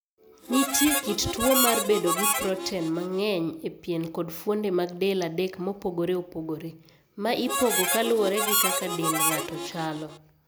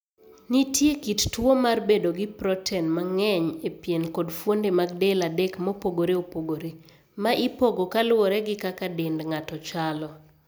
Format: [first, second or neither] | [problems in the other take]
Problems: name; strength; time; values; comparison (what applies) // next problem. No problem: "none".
second | background sound (Harmonica); as loud as the speech